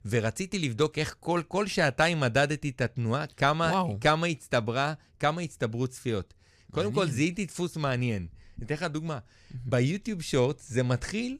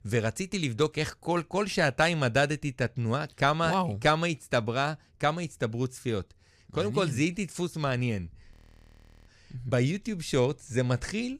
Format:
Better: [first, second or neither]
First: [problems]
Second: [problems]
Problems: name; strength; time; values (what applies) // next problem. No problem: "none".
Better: first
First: none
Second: audio freezing; at 8.5 s for 1 s